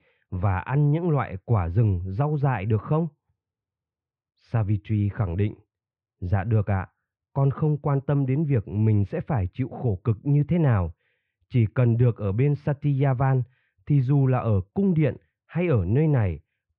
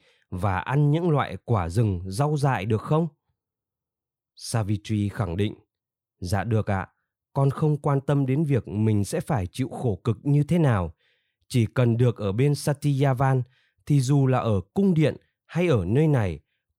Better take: second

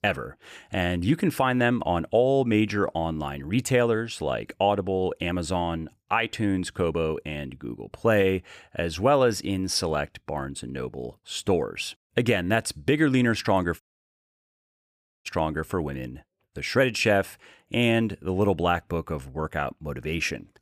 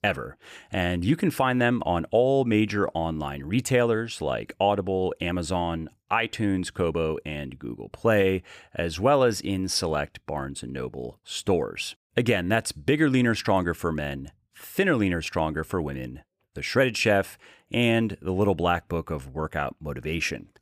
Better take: second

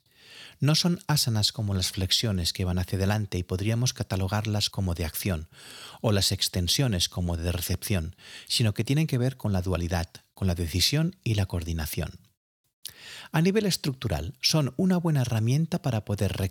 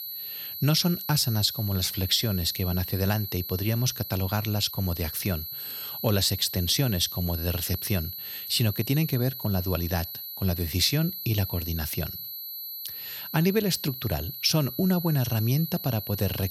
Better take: first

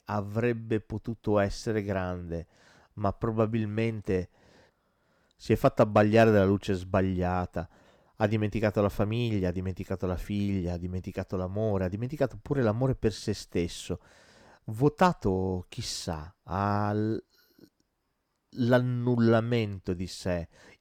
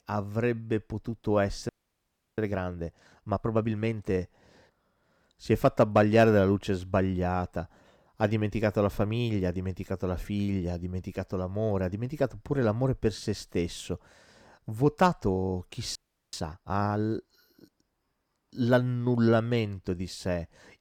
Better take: first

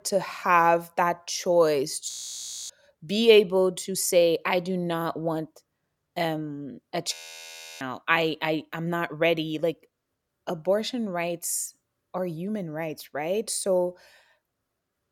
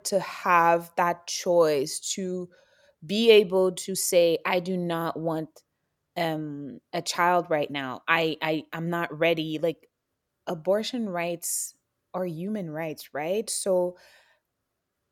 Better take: second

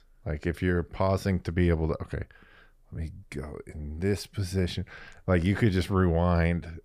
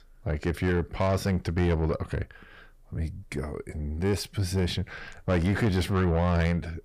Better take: first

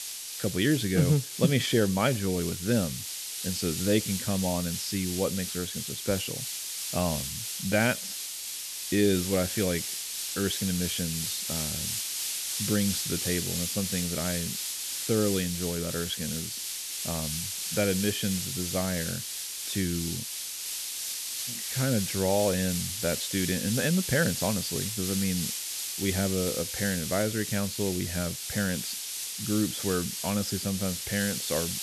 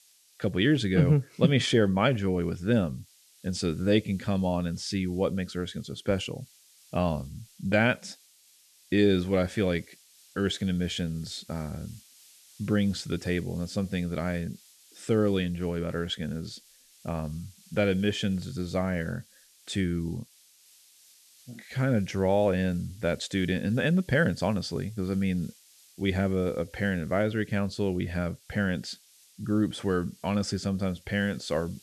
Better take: second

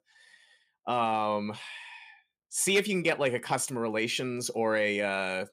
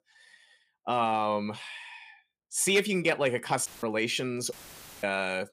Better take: first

